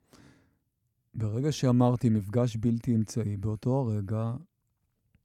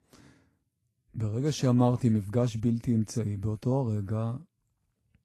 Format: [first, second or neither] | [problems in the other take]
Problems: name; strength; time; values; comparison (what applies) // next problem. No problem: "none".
first | garbled, watery; slightly; nothing above 12.5 kHz